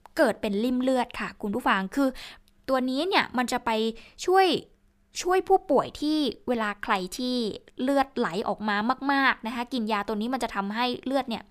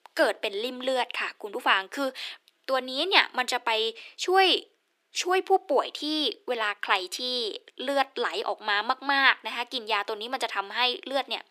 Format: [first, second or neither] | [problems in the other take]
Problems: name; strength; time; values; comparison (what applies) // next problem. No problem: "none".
first | thin; somewhat; fading below 300 Hz